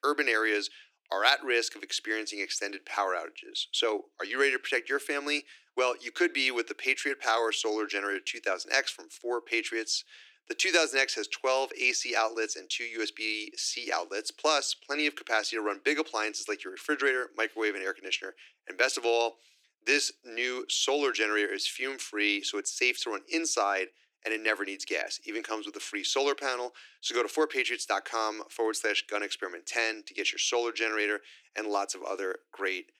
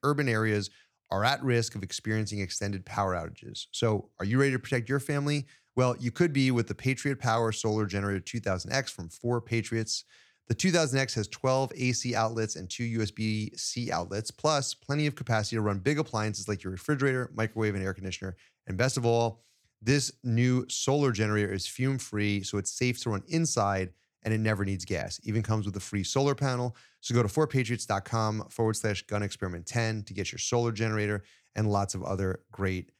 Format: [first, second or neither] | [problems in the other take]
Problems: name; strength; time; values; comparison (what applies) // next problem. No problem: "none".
second | thin; very; fading below 300 Hz